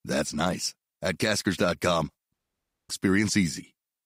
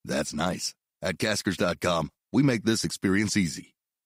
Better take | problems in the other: second | audio cutting out; at 2.5 s for 0.5 s

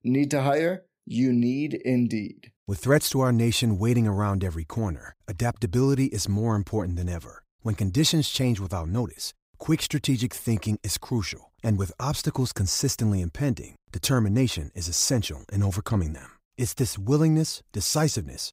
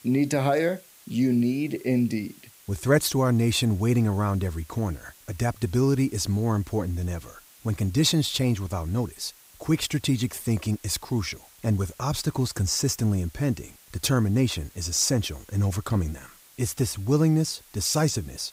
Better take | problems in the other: first | hiss; faint; throughout; 25 dB below the speech

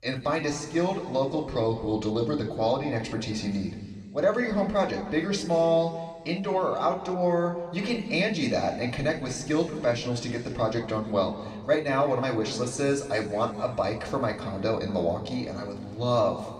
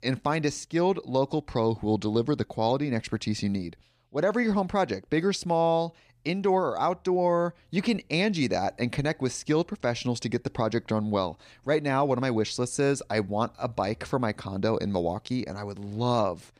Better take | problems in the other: second | room echo; noticeable; dies away in 2 s // off-mic speech; somewhat distant

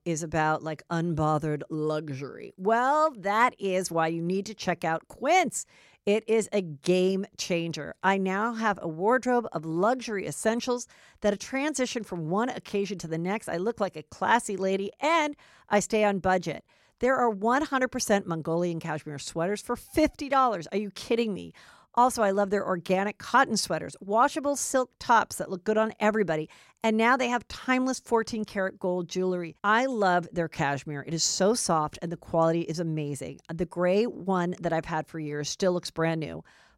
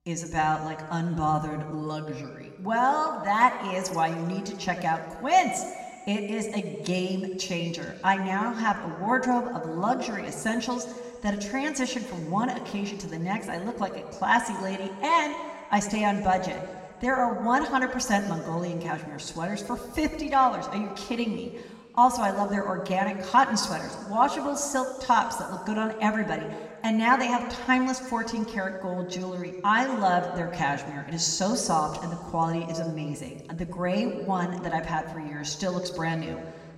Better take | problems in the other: first | room echo; slight; dies away in 1.8 s

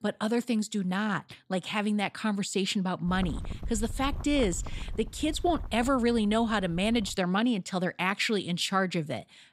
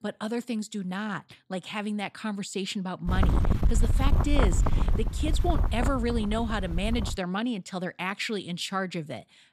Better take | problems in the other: first | wind noise on the microphone; heavy; from 3 to 7 s; 4 dB below the speech; occasional gusts in the first

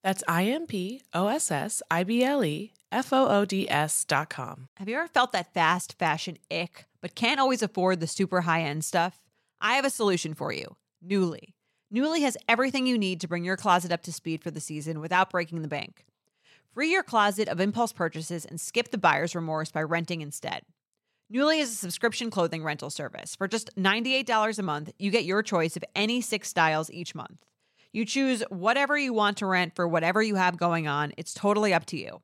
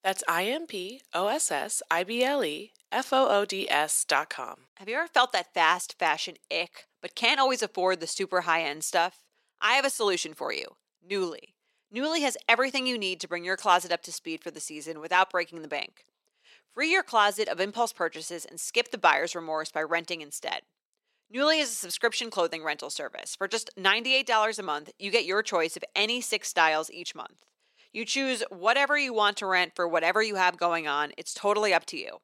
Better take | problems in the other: first | thin; somewhat; fading below 350 Hz

